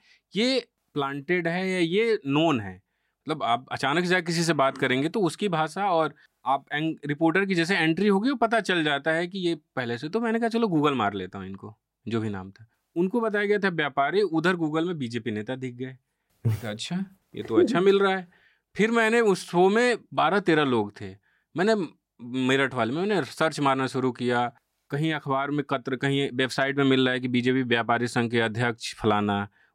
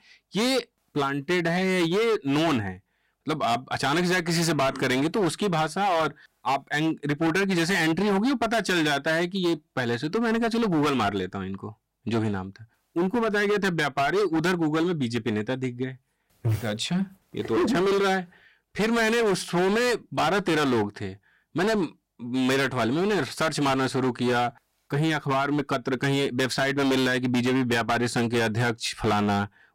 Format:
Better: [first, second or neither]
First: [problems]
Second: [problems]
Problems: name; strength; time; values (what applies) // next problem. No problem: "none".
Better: first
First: none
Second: distortion; heavy; 21% of the sound clipped